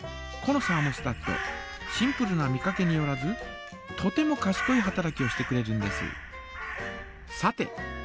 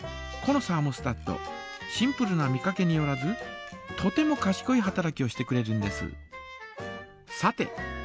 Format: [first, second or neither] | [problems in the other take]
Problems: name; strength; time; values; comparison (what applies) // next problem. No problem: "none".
second | background sound (Crow); 7 dB below the speech